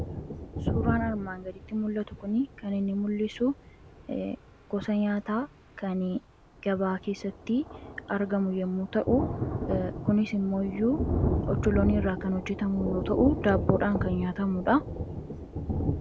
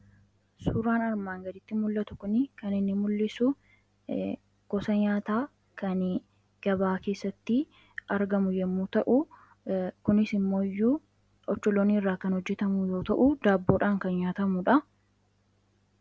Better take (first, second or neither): second